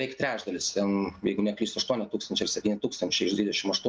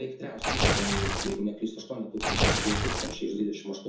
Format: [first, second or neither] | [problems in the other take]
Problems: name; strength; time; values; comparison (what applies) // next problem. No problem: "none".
first | background sound (Tearing); 5 dB above the speech // room echo; dies away in 0.5 s